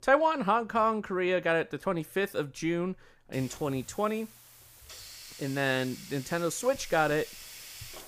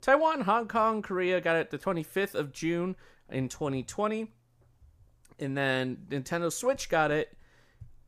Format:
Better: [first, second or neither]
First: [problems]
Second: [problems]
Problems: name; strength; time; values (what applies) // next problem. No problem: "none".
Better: second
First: hiss; noticeable; from 3.5 s on; 15 dB below the speech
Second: none